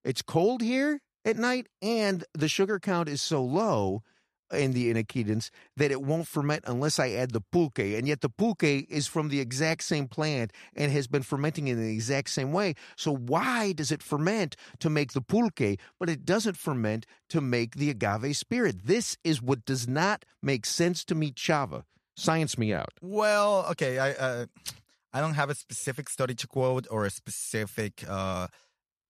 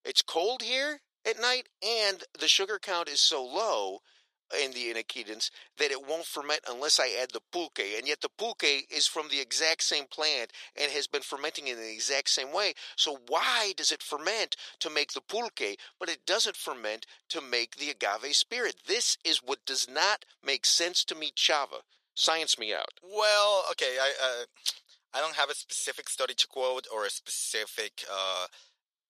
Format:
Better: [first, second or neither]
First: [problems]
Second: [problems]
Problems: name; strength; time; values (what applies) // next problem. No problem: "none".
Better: first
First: none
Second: thin; very; fading below 450 Hz